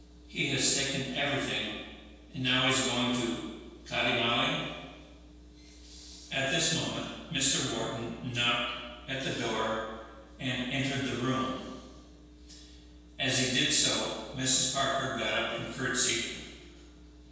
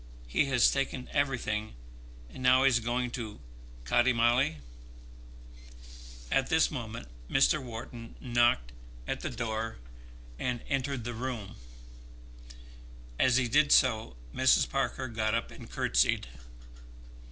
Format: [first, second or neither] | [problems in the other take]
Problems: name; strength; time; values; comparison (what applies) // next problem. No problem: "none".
second | room echo; dies away in 1.2 s